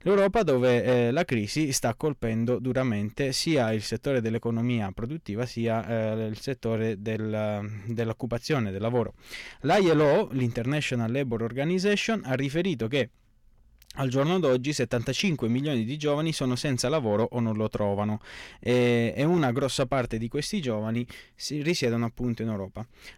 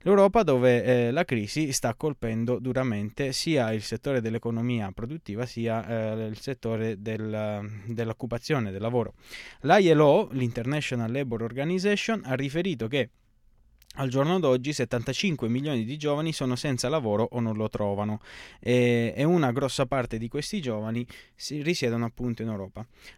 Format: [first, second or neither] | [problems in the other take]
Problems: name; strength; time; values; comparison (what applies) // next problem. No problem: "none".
second | distortion; slight; 10 dB below the speech